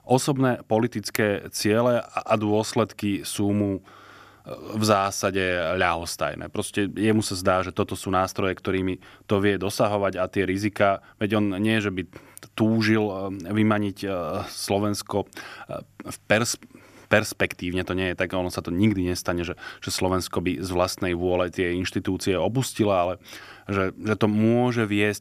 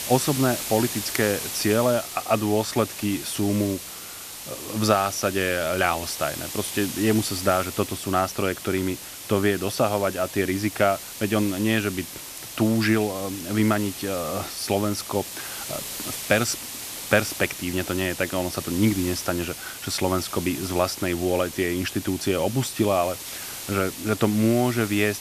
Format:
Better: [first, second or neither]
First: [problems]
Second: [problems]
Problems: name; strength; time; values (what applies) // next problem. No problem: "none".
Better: first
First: none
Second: hiss; loud; throughout; 8 dB below the speech